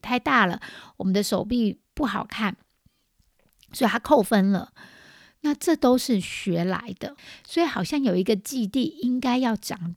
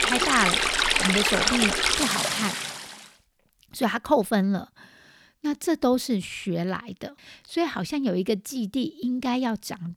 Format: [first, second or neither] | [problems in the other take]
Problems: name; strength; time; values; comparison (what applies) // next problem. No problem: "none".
first | rain or running water; very loud; until 2.5 s; 5 dB above the speech